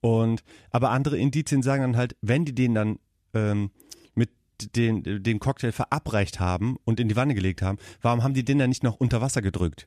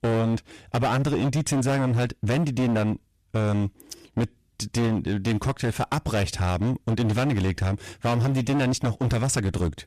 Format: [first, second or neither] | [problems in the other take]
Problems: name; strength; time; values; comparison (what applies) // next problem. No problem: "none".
first | distortion; heavy; 24% of the sound clipped